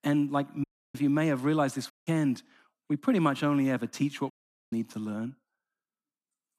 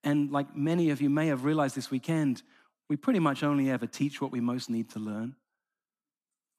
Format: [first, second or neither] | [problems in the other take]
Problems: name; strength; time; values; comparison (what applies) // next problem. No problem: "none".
second | audio cutting out; at 0.5 s, at 2 s and at 4.5 s